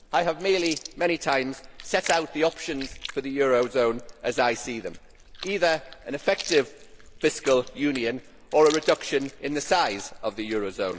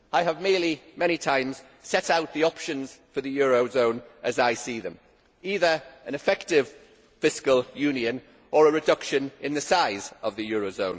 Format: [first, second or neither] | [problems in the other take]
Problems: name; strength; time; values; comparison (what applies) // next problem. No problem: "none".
second | background sound (Chewing, mastication); 15 dB below the speech